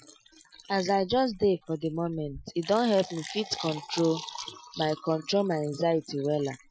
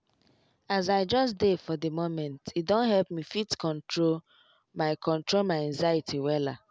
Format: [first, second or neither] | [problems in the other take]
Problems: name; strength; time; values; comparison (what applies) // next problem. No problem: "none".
second | noise reduction (classical method Wiener filter)